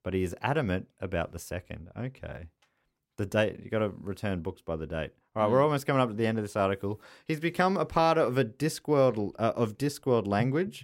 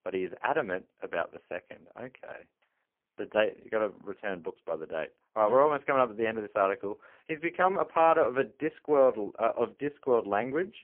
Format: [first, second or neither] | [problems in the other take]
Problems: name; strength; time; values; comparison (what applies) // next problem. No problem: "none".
first | phone-call audio; poor line; nothing above 3 kHz